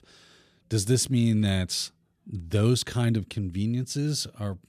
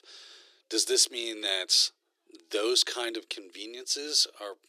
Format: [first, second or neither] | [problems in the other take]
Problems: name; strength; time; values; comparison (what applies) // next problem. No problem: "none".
first | thin; very; fading below 350 Hz